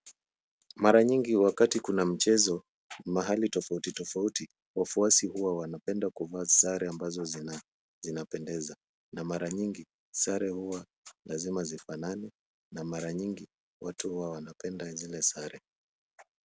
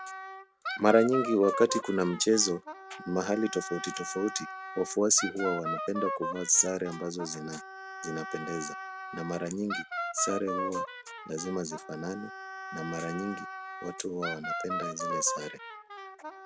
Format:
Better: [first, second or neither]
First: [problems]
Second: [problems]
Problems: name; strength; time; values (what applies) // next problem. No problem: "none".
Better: first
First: none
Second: background sound (Wind instrument, woodwind instrument); 7 dB below the speech